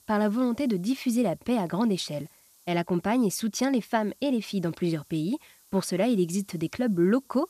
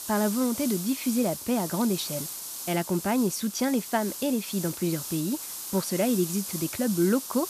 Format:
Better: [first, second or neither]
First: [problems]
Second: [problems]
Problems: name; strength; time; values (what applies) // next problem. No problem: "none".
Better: first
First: hiss; faint; throughout; 30 dB below the speech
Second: hiss; loud; throughout; 6 dB below the speech